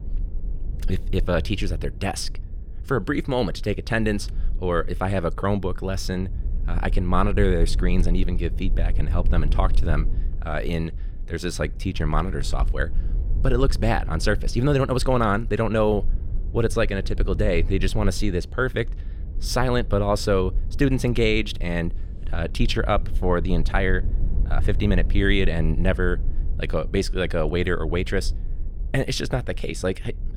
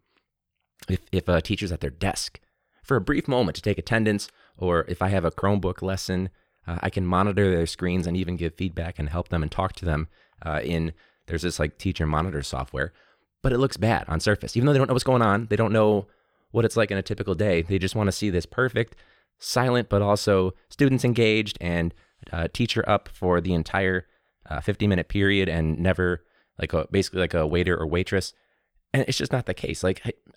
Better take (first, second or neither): second